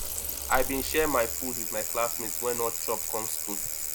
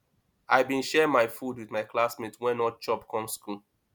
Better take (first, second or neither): second